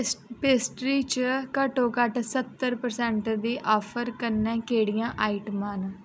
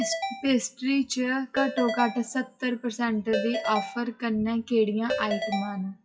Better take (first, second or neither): first